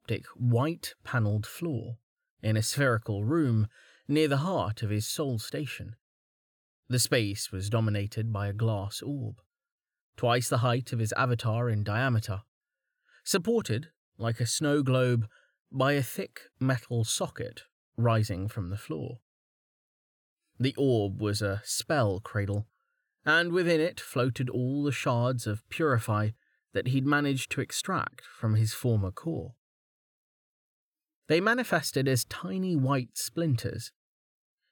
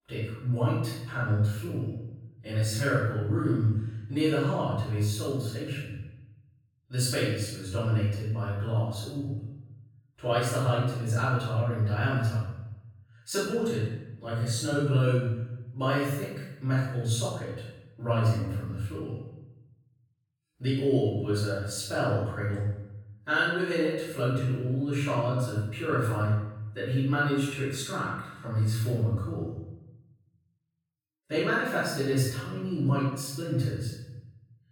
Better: first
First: none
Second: off-mic speech; far // room echo; strong; dies away in 0.8 s

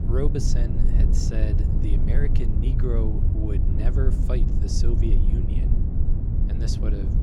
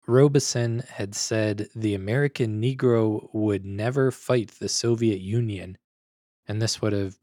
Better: second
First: low rumble; loud; throughout; 2 dB below the speech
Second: none

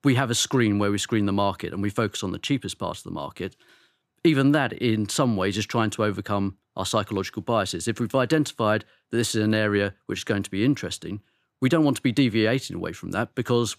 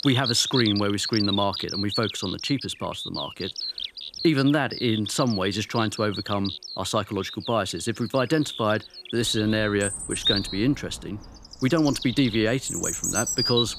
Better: first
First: none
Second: animal sounds; loud; throughout; 4 dB below the speech

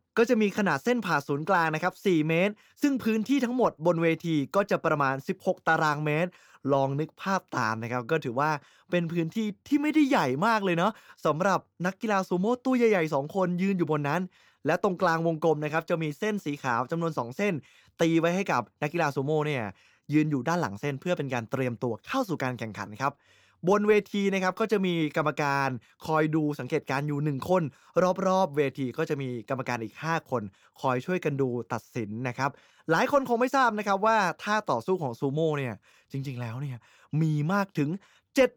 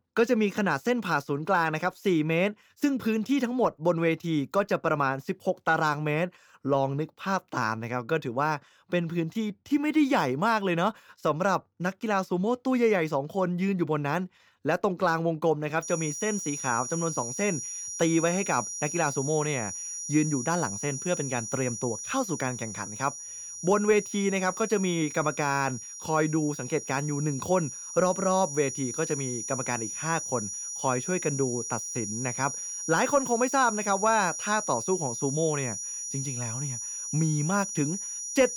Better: first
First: none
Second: high-pitched whine; loud; from 16 s on; 6 kHz, 6 dB below the speech

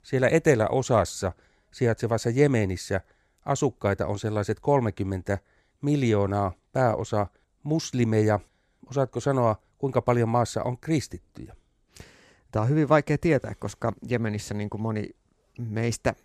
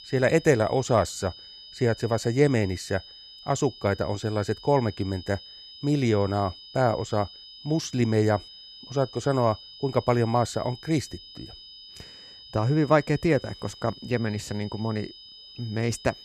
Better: first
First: none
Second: high-pitched whine; noticeable; throughout; 5 kHz, 15 dB below the speech

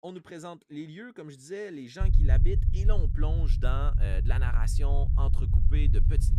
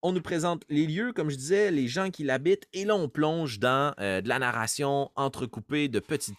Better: second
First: low rumble; loud; from 2 s on; 5 dB below the speech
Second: none

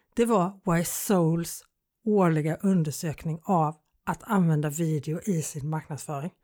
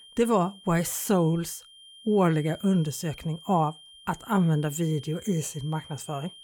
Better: first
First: none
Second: high-pitched whine; noticeable; throughout; 3 kHz, 20 dB below the speech

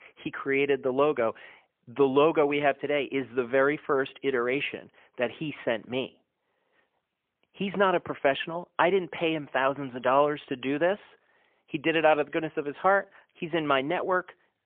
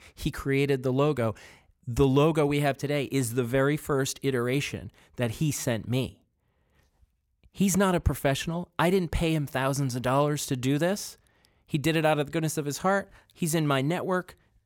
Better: second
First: phone-call audio; poor line; nothing above 3 kHz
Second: none

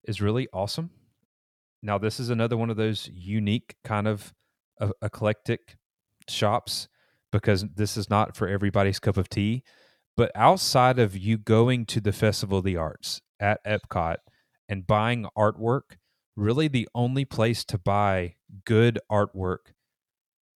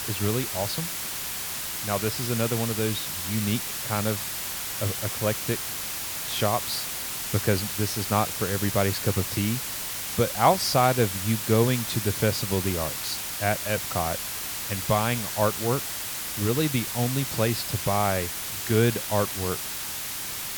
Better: first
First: none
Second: hiss; loud; throughout; 2 dB below the speech

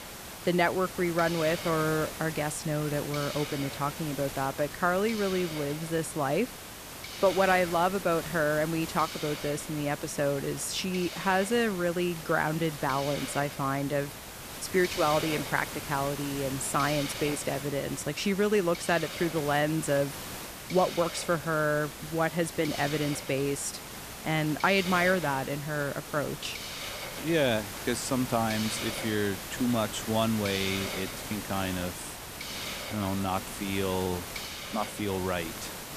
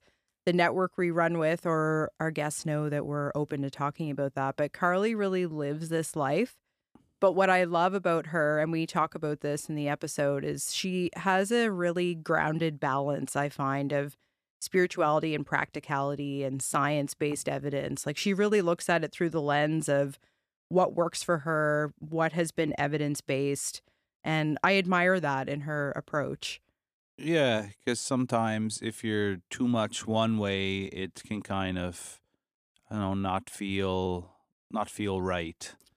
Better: second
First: hiss; loud; throughout; 8 dB below the speech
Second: none

